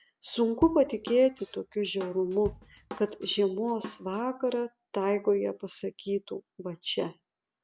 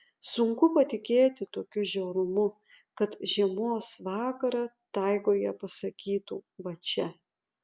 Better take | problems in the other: second | background sound (Drum / Drum kit); 16 dB below the speech

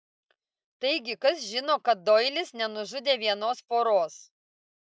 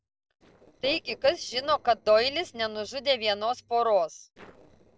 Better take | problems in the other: first | noise reduction (neural separator model SepFormer DNS4)

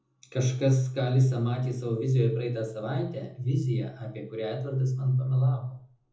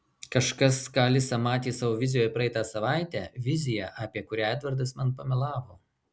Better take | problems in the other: second | room echo; dies away in 0.6 s

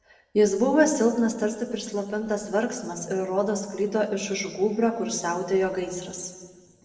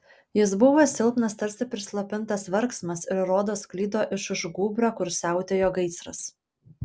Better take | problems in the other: second | noise reduction (neural separator model SepFormer DNS4)

